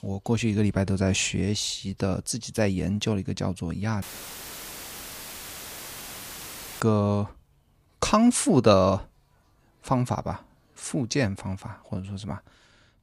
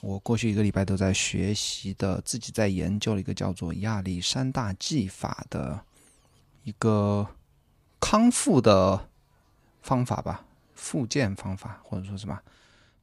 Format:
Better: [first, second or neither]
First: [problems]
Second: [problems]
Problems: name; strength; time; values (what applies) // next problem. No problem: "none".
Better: second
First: audio cutting out; filled with static; at 4 s for 3 s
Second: none